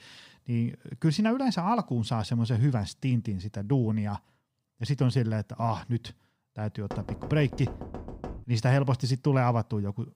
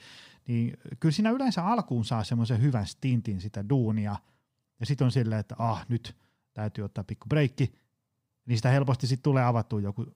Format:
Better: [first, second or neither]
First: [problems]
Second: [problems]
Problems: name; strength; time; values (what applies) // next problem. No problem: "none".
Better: second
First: door banging; faint; from 7 to 8.5 s; peak 10 dB below the speech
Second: none